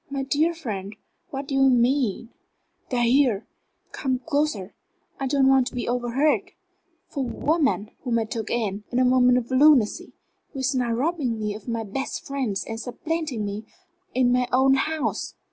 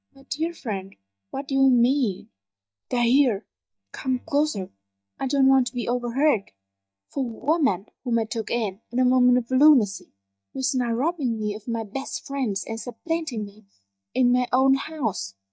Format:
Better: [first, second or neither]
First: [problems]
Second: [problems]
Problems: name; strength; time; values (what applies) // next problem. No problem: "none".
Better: first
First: none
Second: noise reduction (neural mask model DeepFilterNet 3)